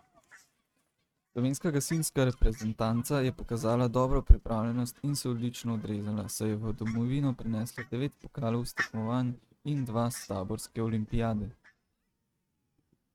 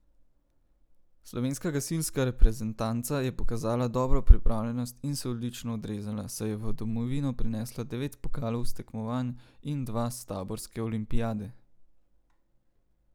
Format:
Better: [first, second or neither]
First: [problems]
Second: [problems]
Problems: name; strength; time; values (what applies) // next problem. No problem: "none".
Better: second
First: noise reduction (neural mask model RNNoise)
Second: none